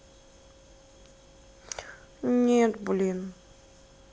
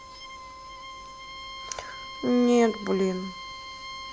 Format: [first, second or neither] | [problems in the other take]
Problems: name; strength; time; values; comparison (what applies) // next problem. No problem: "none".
first | background sound (Bowed string instrument); 12 dB below the speech